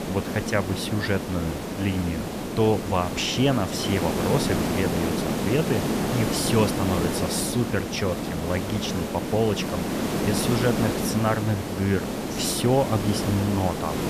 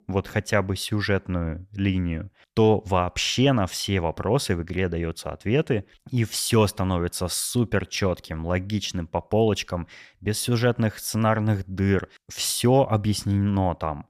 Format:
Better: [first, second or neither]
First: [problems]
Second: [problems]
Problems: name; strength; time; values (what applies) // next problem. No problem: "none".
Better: second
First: hiss; loud; throughout; 2 dB below the speech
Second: none